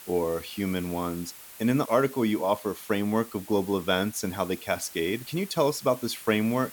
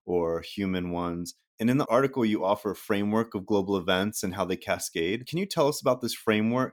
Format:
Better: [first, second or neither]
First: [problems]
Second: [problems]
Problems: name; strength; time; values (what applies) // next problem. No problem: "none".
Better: second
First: hiss; noticeable; throughout; 15 dB below the speech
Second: none